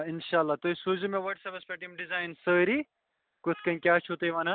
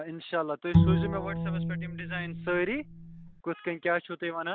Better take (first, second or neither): first